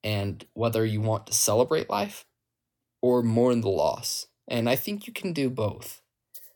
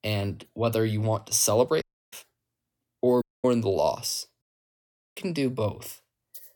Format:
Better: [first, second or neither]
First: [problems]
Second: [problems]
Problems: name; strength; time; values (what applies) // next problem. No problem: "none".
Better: first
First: none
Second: audio cutting out; at 2 s, at 3 s and at 4.5 s for 0.5 s